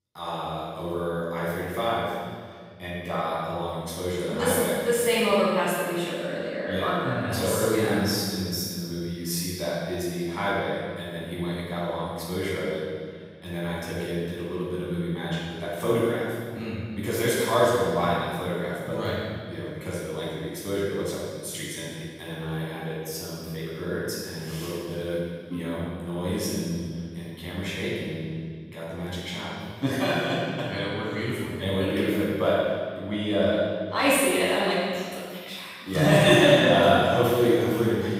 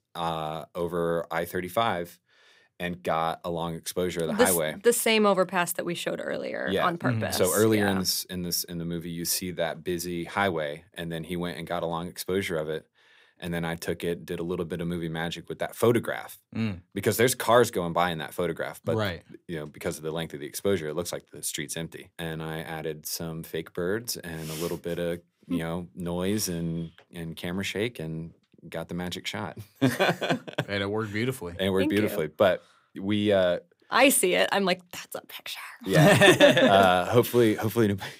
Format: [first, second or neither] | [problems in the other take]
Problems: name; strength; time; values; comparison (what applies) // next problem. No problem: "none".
second | off-mic speech; far // room echo; strong; dies away in 1.9 s